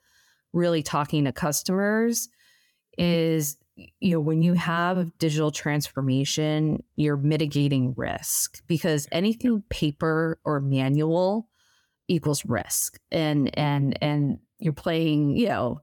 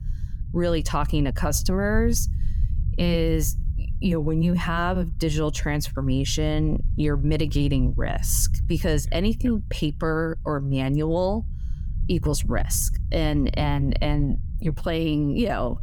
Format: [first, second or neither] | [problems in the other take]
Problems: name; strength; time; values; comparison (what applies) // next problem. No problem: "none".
first | low rumble; noticeable; throughout; 20 dB below the speech